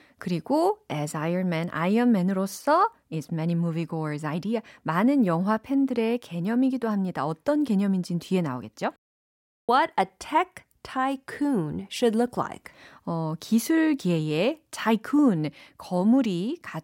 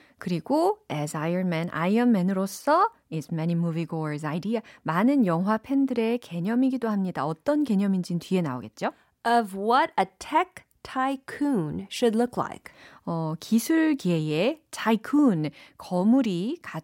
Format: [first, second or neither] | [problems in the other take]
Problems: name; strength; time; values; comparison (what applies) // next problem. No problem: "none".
second | audio cutting out; at 9 s for 0.5 s